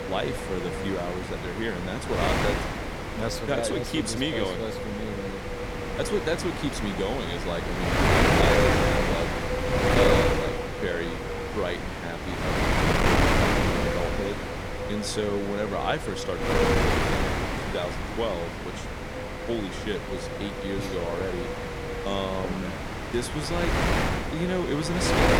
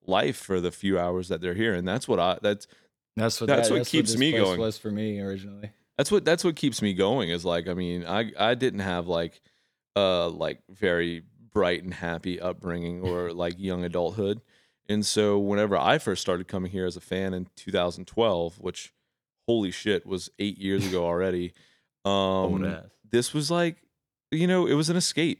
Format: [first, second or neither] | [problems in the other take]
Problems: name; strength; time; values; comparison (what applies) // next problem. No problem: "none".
second | wind noise on the microphone; heavy; 4 dB above the speech